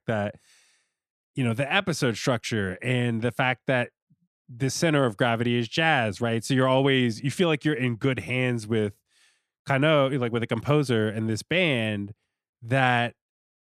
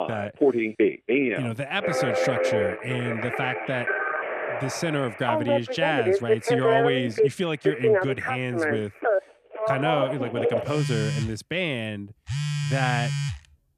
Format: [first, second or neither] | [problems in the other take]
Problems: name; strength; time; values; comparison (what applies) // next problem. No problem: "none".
first | alarms or sirens; very loud; throughout; 2 dB above the speech